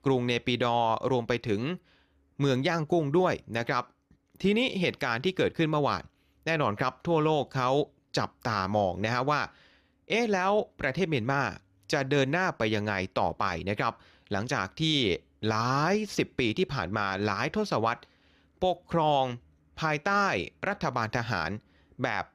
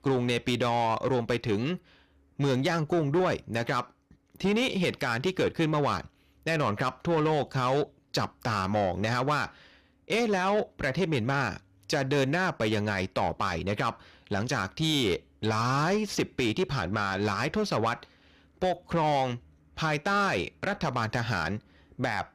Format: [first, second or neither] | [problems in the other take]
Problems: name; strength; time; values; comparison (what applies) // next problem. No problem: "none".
first | distortion; slight; 10 dB below the speech